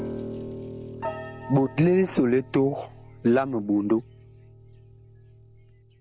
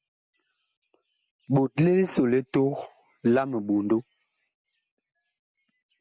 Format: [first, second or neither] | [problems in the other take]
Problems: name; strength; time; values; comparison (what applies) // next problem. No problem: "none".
second | background sound (Piano); 13 dB below the speech